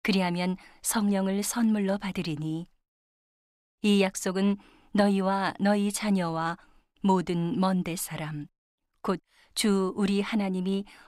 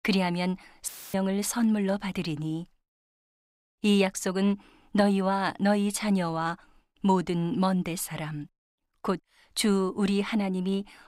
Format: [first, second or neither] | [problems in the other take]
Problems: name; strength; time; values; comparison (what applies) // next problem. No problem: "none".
first | audio cutting out; filled with static; at 1 s